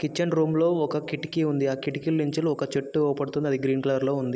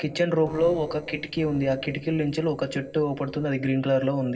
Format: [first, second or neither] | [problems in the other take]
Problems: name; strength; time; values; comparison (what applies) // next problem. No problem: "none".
first | noise reduction (neural separator model SepFormer DNS4)